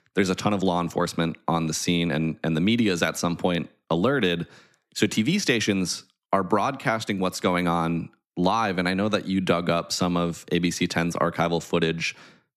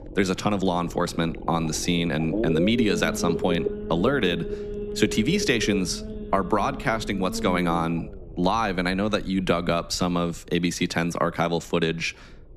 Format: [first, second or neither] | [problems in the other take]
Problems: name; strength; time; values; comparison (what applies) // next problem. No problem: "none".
first | low rumble; loud; throughout; 8 dB below the speech